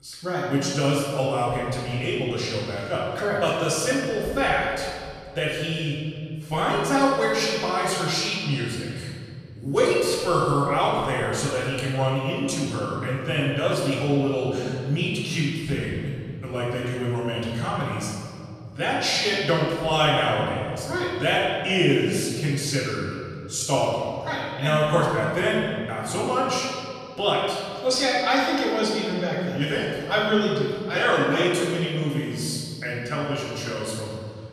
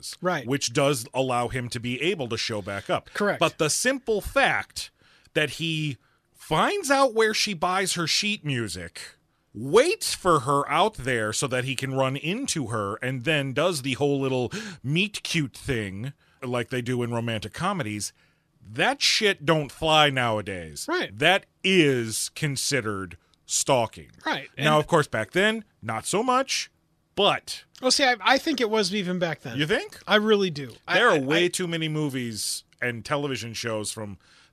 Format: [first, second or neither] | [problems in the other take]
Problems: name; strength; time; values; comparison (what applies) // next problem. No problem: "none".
second | room echo; strong; dies away in 2.4 s // off-mic speech; far